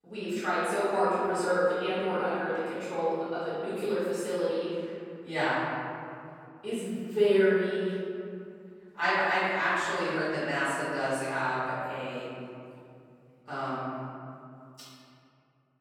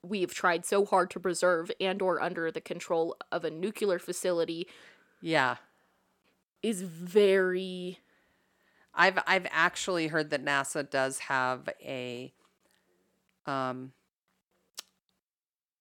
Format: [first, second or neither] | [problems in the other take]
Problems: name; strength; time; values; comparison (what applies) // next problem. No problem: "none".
second | off-mic speech; far // room echo; strong; dies away in 2.6 s